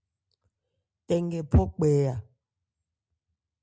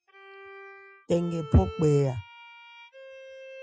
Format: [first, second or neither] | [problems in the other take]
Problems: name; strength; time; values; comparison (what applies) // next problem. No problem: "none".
first | noise reduction (classical method Wiener filter)